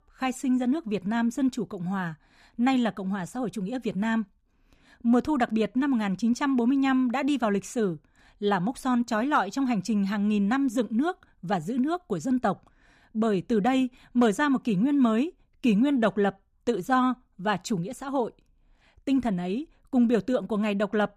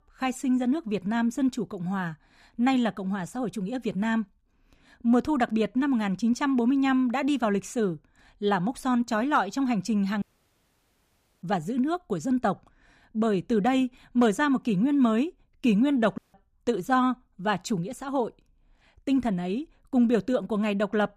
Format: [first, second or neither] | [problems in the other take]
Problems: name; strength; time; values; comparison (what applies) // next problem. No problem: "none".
first | audio cutting out; at 10 s for 1 s and at 16 s